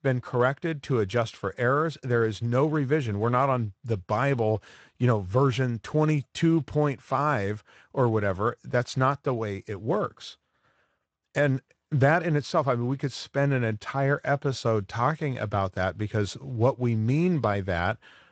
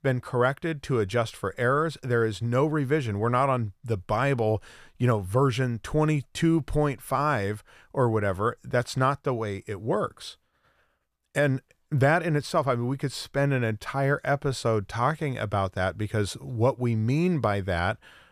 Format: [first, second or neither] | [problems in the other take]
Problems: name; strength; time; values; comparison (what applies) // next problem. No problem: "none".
second | garbled, watery; slightly; nothing above 8 kHz